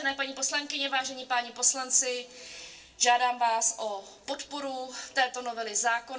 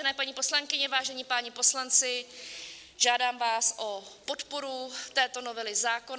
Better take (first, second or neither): second